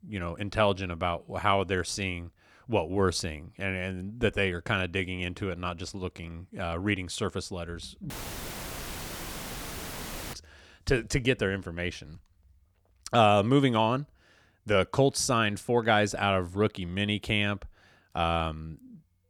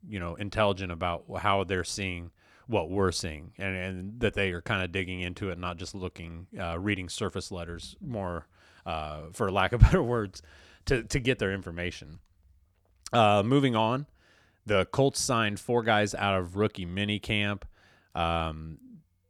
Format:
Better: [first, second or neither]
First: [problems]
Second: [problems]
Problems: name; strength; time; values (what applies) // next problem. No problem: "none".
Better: second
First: audio cutting out; filled with static; at 8 s for 2 s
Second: none